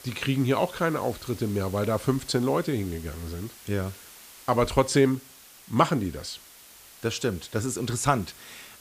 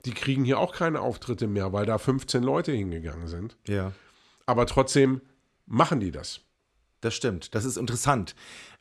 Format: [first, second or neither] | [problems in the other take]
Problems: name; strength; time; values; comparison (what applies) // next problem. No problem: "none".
second | hiss; noticeable; throughout; 20 dB below the speech